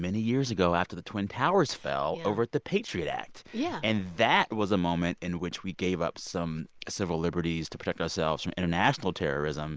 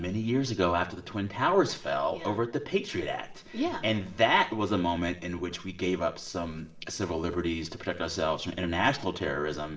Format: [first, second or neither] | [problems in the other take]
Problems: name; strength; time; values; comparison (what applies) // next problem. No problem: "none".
first | room echo; dies away in 1.3 s